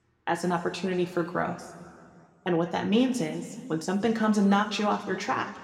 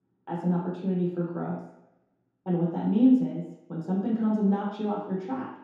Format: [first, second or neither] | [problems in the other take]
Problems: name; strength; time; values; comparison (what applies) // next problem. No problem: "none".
first | room echo; strong; dies away in 0.8 s; slight in the first // off-mic speech; far